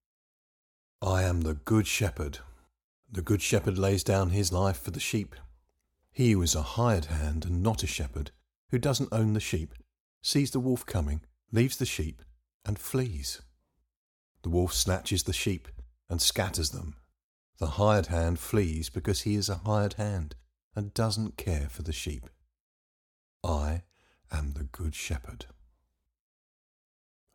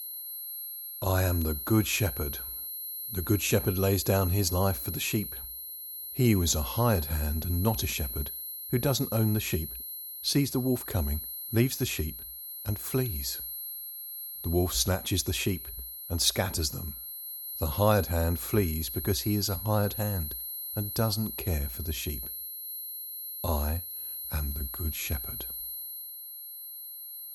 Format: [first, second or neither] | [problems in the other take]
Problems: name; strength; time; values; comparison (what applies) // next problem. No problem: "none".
first | high-pitched whine; loud; throughout; 11.5 kHz, 6 dB below the speech